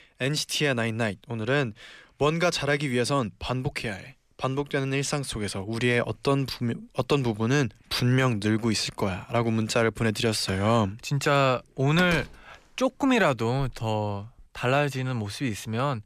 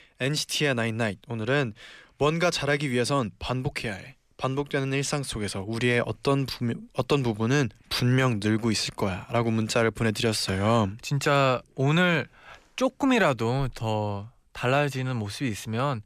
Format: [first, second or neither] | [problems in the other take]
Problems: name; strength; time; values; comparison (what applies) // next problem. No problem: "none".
second | door banging; noticeable; from 12 to 14 s; peak 9 dB below the speech